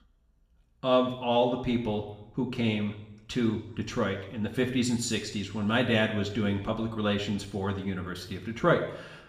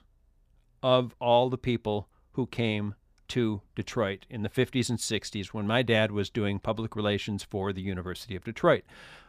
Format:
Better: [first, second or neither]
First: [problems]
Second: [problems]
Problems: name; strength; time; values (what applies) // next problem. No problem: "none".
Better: second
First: room echo; slight; dies away in 0.8 s // off-mic speech; somewhat distant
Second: none